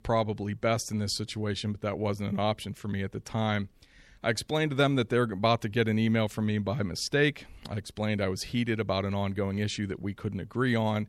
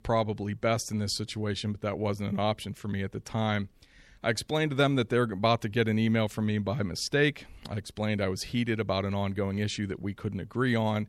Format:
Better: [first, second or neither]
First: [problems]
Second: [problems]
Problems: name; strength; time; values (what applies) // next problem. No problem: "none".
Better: neither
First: none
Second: none